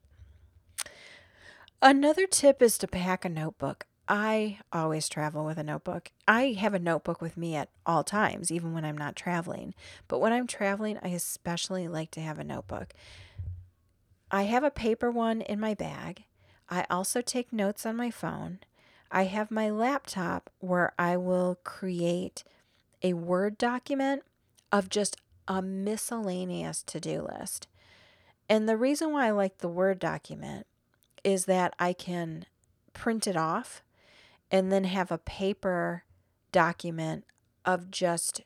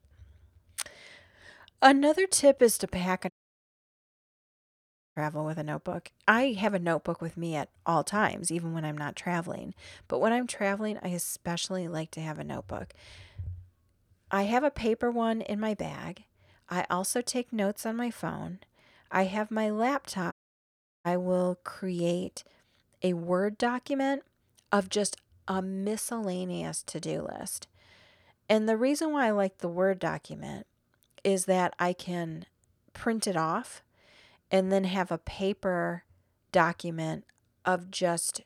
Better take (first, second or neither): first